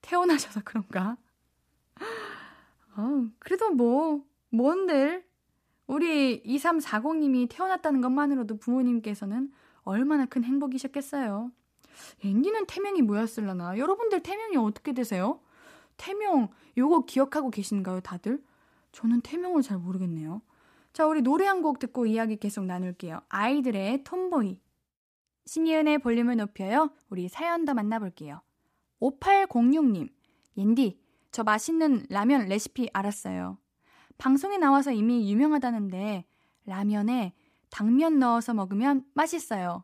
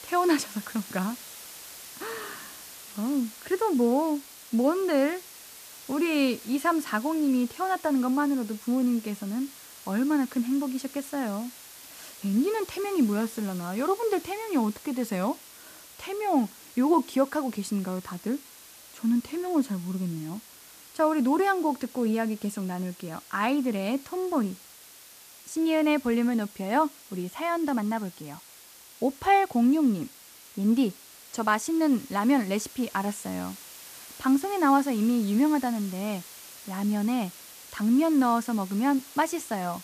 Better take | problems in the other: first | hiss; noticeable; throughout; 15 dB below the speech

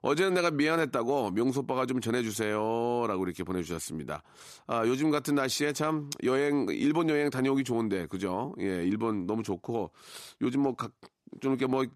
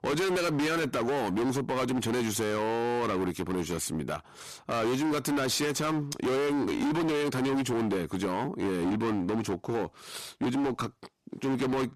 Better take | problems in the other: first | distortion; heavy; 29% of the sound clipped

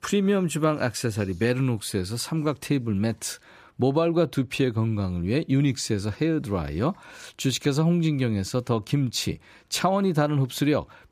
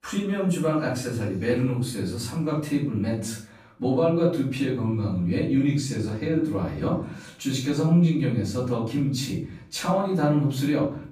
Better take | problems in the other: first | off-mic speech; far // room echo; noticeable; dies away in 0.5 s

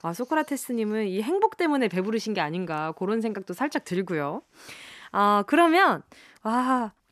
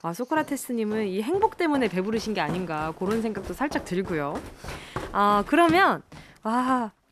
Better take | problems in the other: first | footsteps; faint; peak 10 dB below the speech

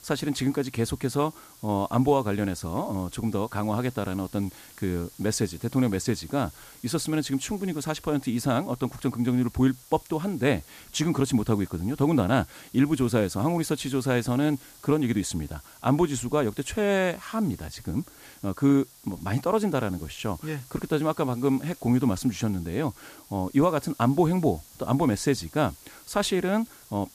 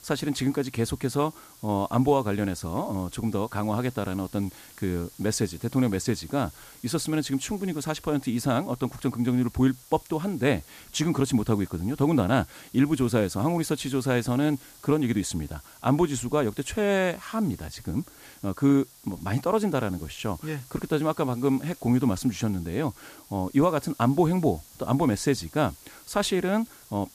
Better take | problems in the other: neither | hiss; faint; throughout; 20 dB below the speech; the same in both

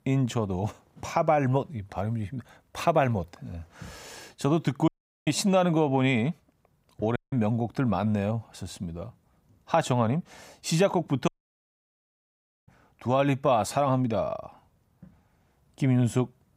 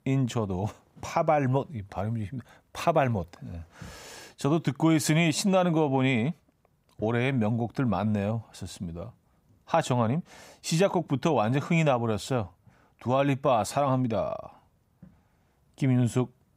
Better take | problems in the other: second | audio cutting out; at 5 s, at 7 s and at 11 s for 1.5 s

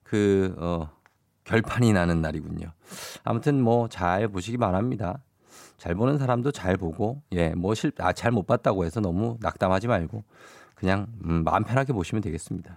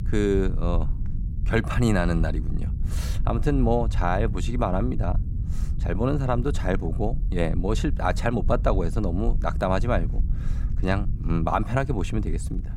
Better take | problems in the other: first | low rumble; noticeable; throughout; 15 dB below the speech

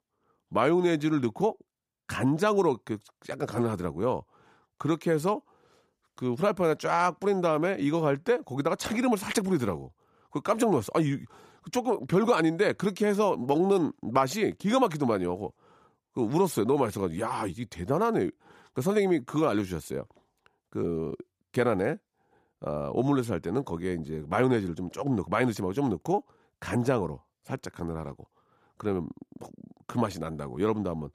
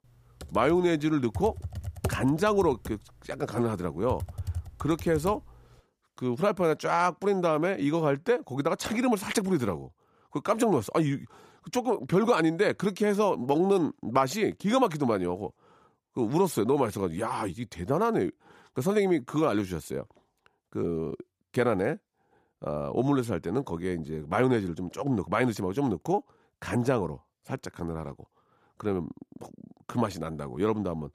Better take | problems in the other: first | keyboard typing; noticeable; until 5.5 s; peak 6 dB below the speech

